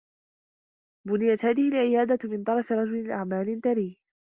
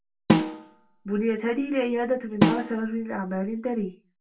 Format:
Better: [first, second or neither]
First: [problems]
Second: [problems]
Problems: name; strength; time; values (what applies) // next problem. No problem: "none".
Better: first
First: none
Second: background sound (Snare drum); 3 dB above the speech // room echo; dies away in 0.2 s